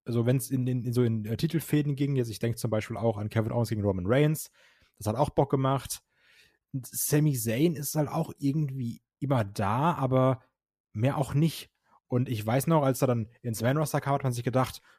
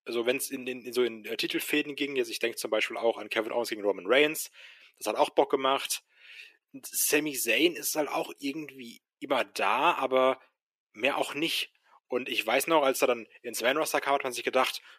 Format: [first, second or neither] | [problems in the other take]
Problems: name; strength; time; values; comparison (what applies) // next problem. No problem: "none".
first | thin; very; fading below 350 Hz